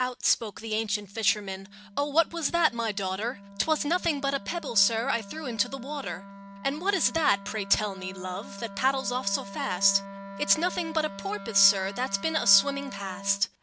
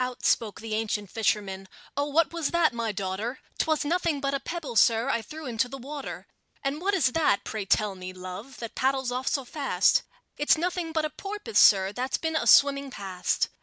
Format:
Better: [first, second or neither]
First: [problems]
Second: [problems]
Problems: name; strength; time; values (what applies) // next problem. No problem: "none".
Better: second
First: background sound (Wind instrument, woodwind instrument); 14 dB below the speech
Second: none